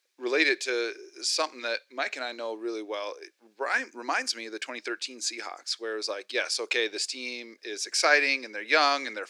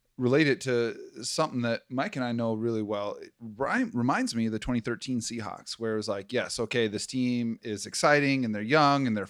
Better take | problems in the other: second | thin; very; fading below 350 Hz

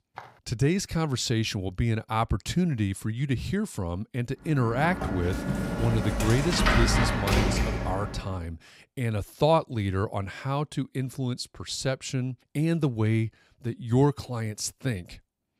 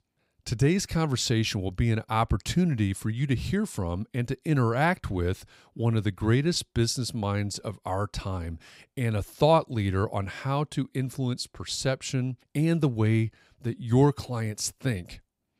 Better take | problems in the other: second | footsteps; faint; at the start; peak 20 dB below the speech // door banging; loud; from 4.5 to 8 s; peak 6 dB above the speech

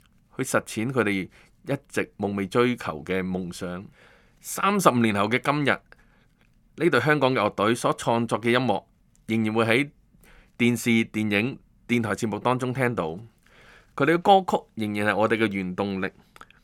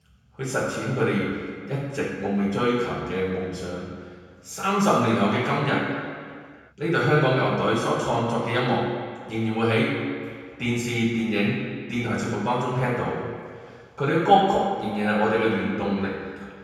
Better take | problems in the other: first | room echo; strong; dies away in 1.7 s // off-mic speech; far

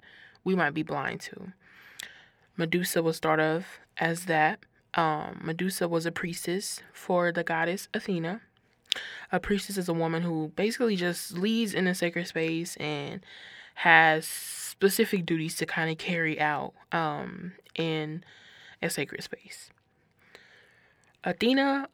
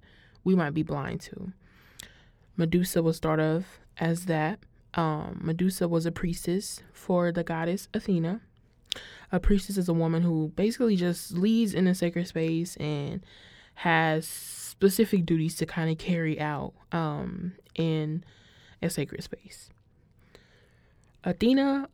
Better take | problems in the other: second | thin; somewhat; fading below 350 Hz

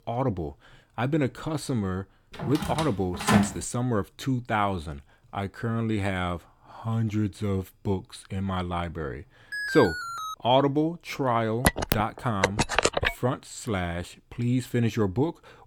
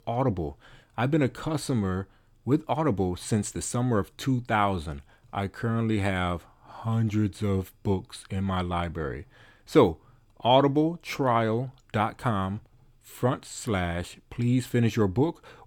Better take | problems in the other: second | door banging; loud; from 2.5 to 3.5 s; peak 4 dB above the speech // alarm; noticeable; at 9.5 s; peak 1 dB below the speech // phone ringing; loud; from 12 to 13 s; peak 5 dB above the speech

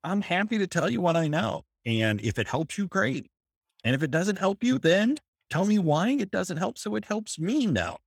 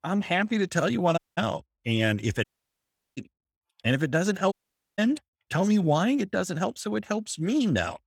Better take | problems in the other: first | audio cutting out; at 1 s, at 2.5 s for 0.5 s and at 4.5 s

